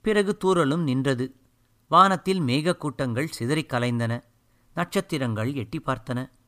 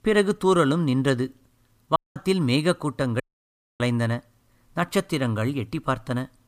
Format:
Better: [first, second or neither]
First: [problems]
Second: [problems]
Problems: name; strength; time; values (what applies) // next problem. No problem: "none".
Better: first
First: none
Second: audio cutting out; at 2 s and at 3 s for 0.5 s